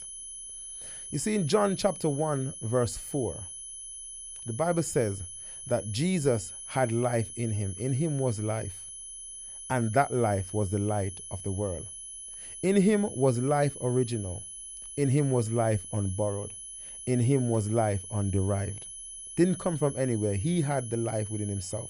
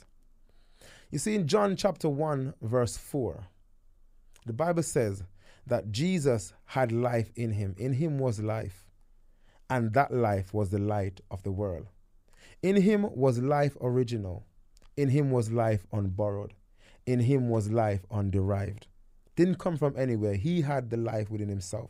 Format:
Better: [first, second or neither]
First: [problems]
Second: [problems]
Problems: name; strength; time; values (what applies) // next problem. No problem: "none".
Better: second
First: high-pitched whine; noticeable; throughout; 10 kHz, 10 dB below the speech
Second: none